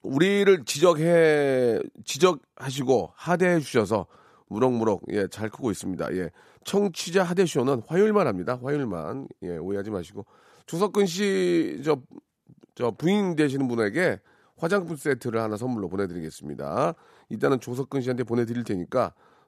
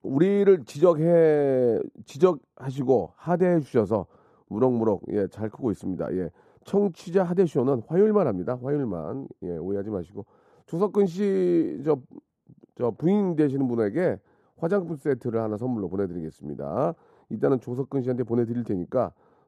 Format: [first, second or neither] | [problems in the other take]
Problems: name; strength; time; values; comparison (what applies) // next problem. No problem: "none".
first | muffled; slightly; fading above 1.5 kHz